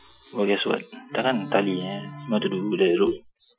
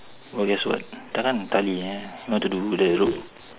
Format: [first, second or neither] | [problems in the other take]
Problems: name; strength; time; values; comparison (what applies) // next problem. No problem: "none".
second | noise reduction (classical method Wiener filter)